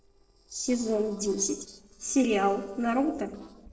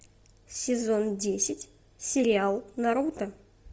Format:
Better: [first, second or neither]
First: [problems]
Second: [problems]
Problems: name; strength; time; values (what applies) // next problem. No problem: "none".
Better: second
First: noise reduction (neural separator model SepFormer DNS4)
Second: none